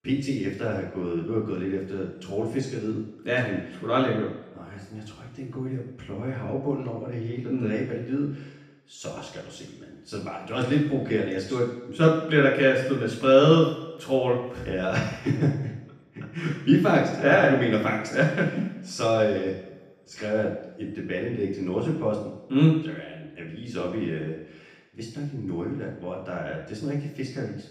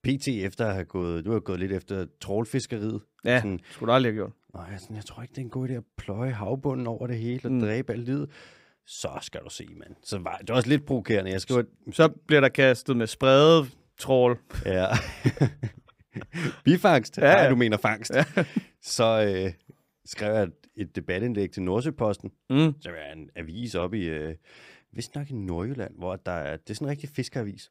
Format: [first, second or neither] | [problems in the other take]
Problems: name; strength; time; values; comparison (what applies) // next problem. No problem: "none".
second | room echo; noticeable; dies away in 0.9 s // off-mic speech; far